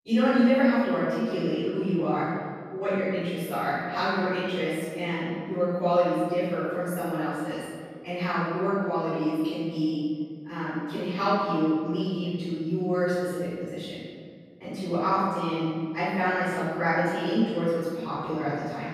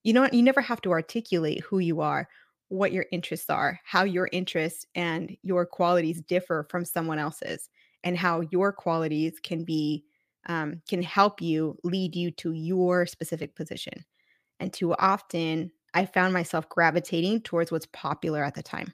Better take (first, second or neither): second